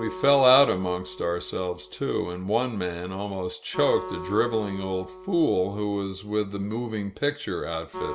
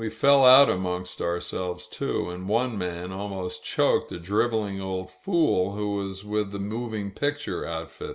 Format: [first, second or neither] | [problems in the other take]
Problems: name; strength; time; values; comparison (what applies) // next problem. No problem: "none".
second | background sound (Acoustic guitar); 15 dB below the speech